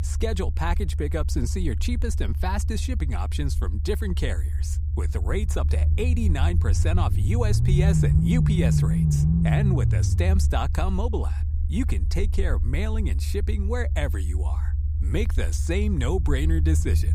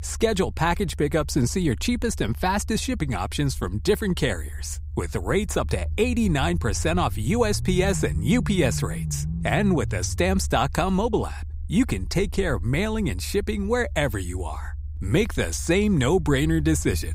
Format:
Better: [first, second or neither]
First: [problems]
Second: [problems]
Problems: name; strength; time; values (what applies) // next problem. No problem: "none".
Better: second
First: low rumble; loud; throughout; 5 dB below the speech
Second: low rumble; faint; throughout; 20 dB below the speech